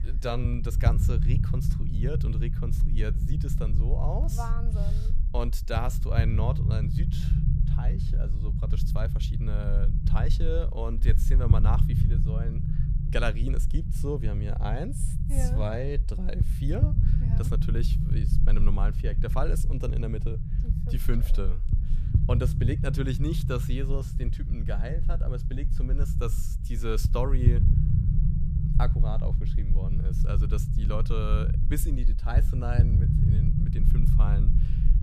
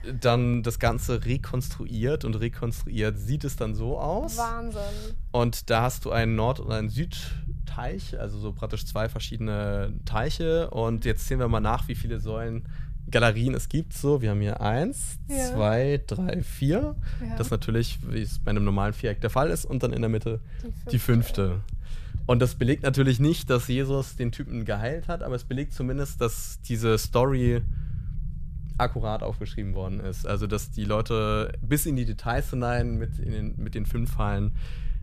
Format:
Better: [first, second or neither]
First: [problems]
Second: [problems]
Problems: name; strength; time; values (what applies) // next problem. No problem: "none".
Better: second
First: low rumble; loud; throughout; 4 dB below the speech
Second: low rumble; faint; throughout; 25 dB below the speech